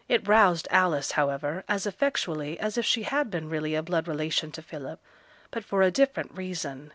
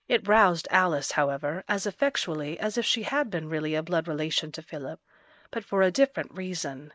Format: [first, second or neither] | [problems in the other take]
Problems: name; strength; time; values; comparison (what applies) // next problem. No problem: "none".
first | noise reduction (neural mask model Resemble Enhance denoiser)